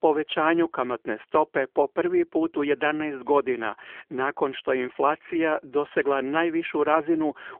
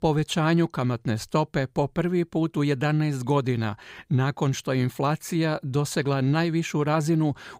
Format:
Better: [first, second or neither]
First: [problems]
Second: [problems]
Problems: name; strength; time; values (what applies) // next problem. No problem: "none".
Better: second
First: phone-call audio; nothing above 3.5 kHz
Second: none